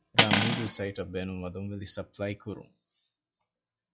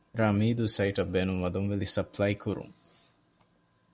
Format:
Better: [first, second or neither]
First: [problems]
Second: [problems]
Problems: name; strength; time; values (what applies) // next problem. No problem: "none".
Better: second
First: noise reduction (classical method log-MMSE)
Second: none